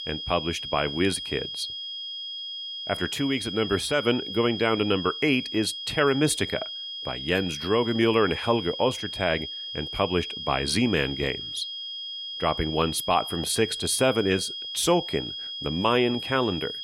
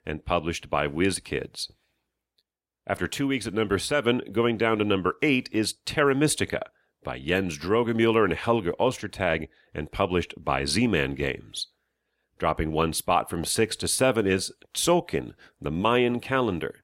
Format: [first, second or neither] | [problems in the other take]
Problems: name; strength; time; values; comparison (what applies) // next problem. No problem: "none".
second | high-pitched whine; loud; throughout; 3.5 kHz, 7 dB below the speech